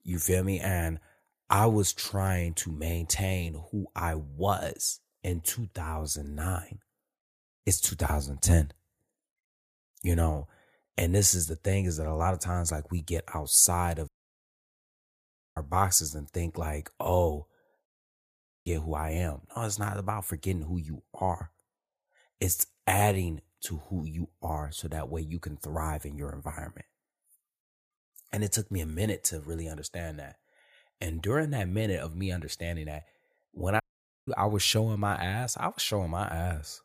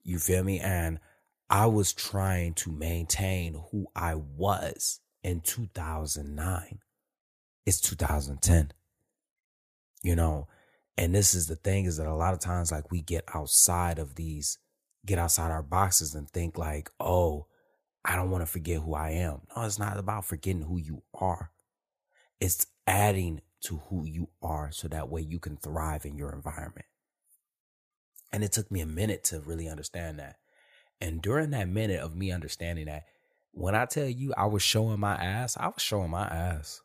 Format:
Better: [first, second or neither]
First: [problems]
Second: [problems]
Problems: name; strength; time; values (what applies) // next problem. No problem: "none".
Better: second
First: audio cutting out; at 14 s for 1.5 s, at 18 s for 1 s and at 34 s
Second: none